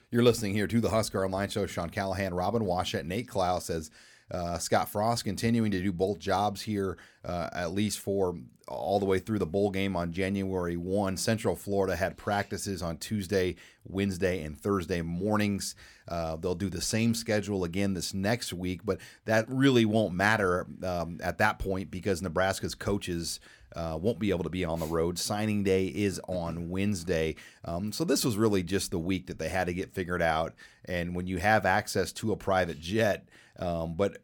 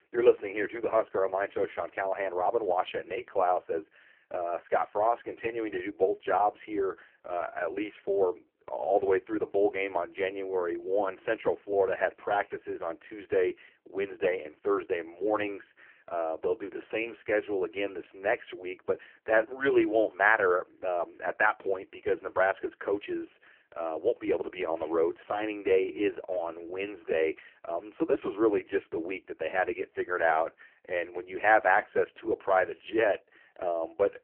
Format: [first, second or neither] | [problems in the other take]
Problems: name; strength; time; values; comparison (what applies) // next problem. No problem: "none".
first | phone-call audio; poor line